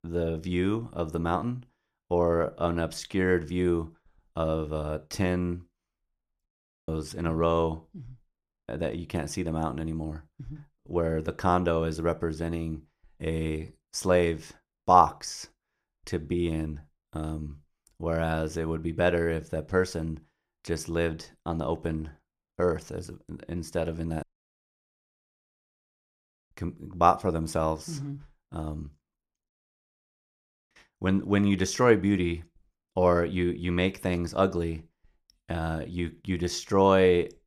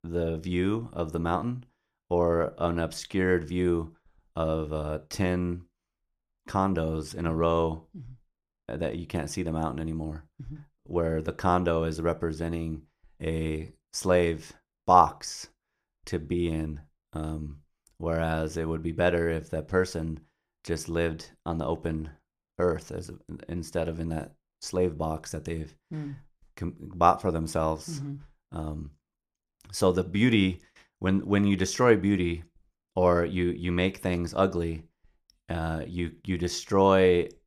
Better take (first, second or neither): second